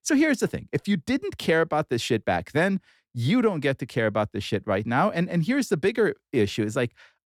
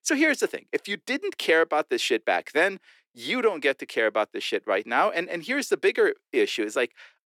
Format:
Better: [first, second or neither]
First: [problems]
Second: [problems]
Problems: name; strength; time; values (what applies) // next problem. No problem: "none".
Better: first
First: none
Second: thin; somewhat; fading below 350 Hz